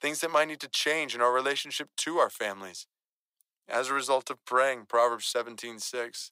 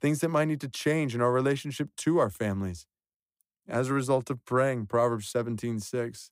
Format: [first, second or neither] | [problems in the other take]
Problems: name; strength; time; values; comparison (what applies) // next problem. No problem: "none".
second | thin; very; fading below 700 Hz